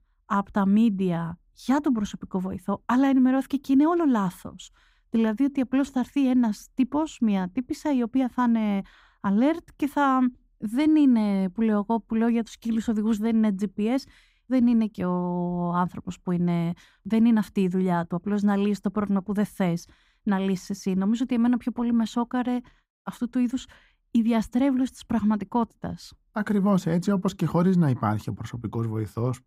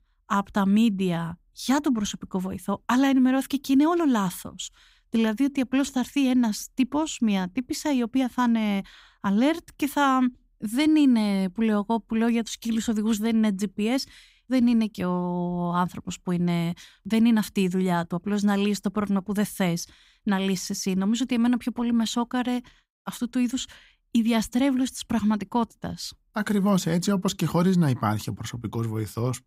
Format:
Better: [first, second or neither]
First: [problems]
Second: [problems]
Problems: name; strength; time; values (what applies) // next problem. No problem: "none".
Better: second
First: muffled; slightly; fading above 2 kHz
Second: none